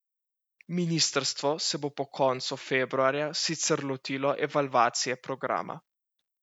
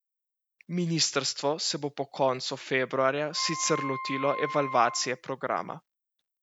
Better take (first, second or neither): first